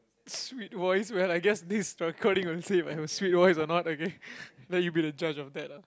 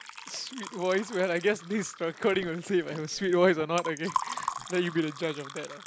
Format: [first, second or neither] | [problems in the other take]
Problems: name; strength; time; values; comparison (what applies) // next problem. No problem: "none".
first | background sound (Liquid); 11 dB below the speech